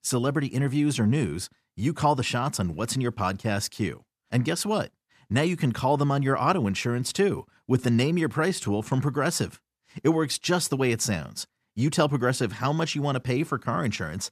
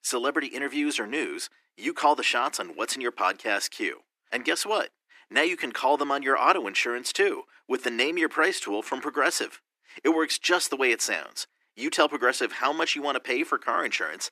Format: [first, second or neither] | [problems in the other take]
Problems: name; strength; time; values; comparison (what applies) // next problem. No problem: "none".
first | thin; very; fading below 300 Hz